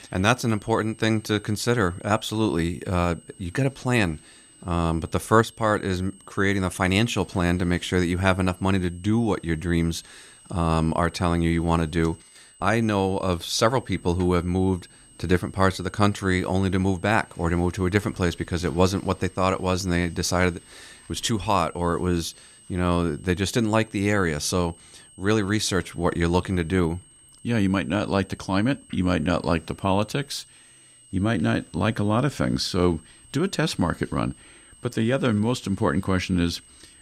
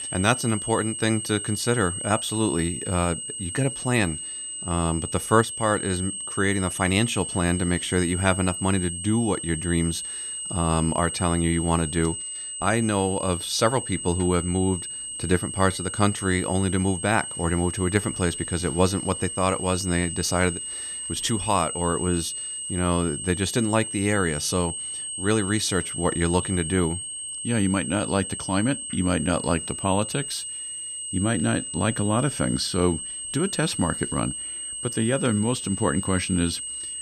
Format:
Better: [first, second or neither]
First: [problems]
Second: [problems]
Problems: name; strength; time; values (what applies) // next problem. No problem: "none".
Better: first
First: high-pitched whine; faint; throughout; 8.5 kHz, 25 dB below the speech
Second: high-pitched whine; loud; throughout; 8.5 kHz, 5 dB below the speech